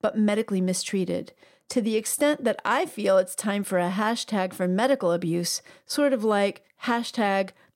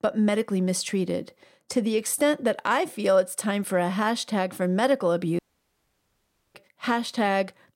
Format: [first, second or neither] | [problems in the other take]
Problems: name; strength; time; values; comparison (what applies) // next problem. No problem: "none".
first | audio cutting out; at 5.5 s for 1 s